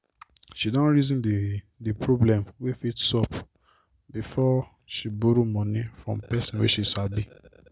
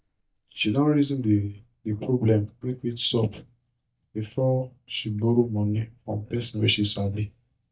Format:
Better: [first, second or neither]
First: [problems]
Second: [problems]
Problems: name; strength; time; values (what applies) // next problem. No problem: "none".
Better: first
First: none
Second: noise reduction (neural mask model DeepFilterNet 3)